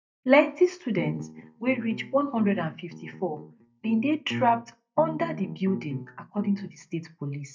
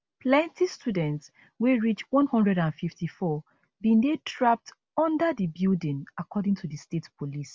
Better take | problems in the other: second | noise reduction (neural mask model DeepFilterNet 3)

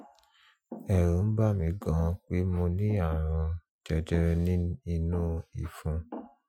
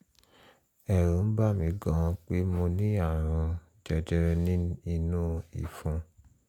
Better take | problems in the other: second | noise reduction (classical method Wiener filter)

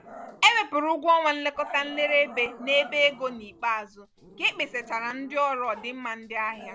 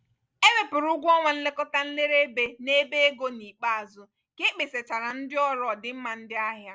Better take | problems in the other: second | background sound (Growling); 19 dB below the speech

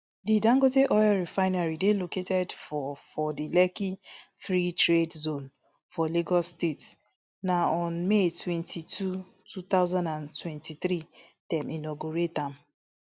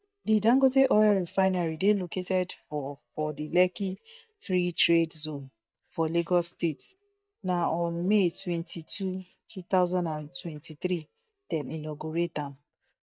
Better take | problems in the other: first | noise reduction (neural mask model DeepFilterNet 3)

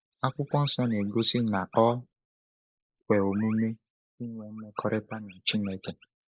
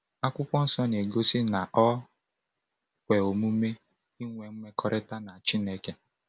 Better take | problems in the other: second | noise reduction (neural mask model Resemble Enhance denoiser)

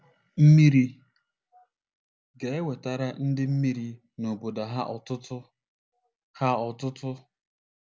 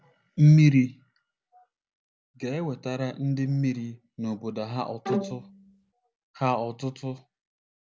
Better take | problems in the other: first | background sound (Bowed string instrument); 6 dB below the speech

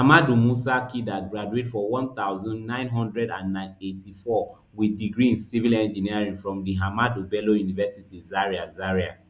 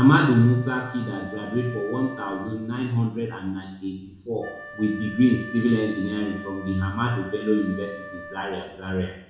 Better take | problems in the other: first | background sound (Wind instrument, woodwind instrument); 16 dB below the speech // room echo; dies away in 0.6 s

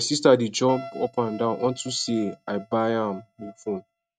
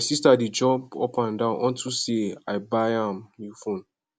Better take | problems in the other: second | noise reduction (neural mask model RNNoise)

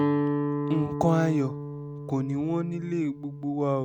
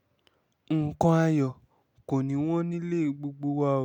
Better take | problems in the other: second | background sound (Guitar); 3 dB below the speech

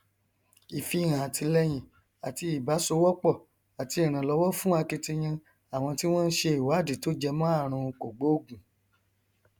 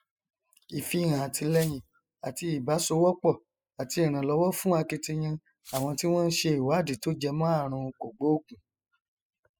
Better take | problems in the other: first | noise reduction (classical method spectral subtraction)

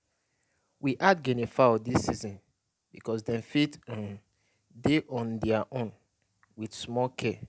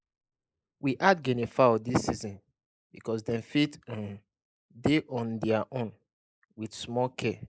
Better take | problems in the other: first | noise reduction (neural mask model Resemble Enhance denoiser)

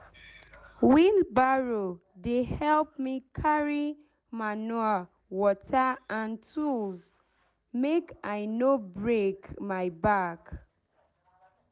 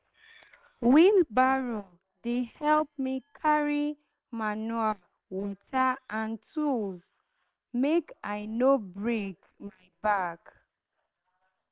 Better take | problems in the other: first | noise reduction (neural separator model SepFormer WHAM!)

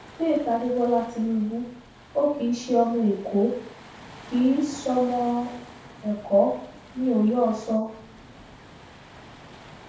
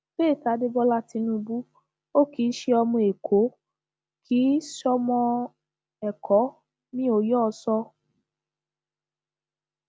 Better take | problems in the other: second | background sound (Waves, surf); 20 dB below the speech // room echo; dies away in 0.6 s

